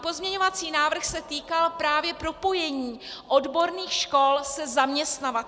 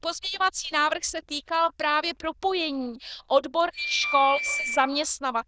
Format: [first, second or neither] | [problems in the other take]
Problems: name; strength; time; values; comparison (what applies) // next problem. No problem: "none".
first | noise reduction (neural diffusion model UNIVERSE++)